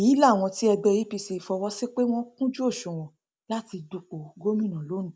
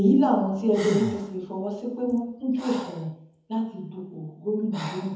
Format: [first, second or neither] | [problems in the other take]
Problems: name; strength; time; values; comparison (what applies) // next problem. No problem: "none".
first | background sound (Breathing); 15 dB below the speech // room echo; dies away in 1 s